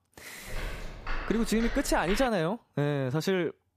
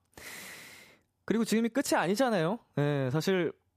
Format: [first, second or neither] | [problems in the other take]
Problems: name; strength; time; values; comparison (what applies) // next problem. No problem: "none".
second | footsteps; noticeable; until 2.5 s; peak 8 dB below the speech